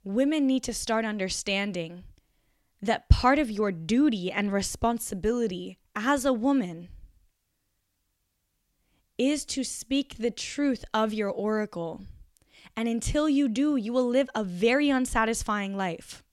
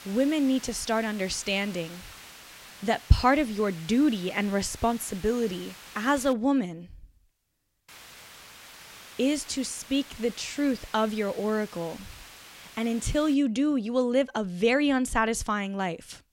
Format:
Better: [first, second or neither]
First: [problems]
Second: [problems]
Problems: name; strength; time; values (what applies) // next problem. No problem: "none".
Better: first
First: none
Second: hiss; noticeable; until 6.5 s and from 8 to 13 s; 20 dB below the speech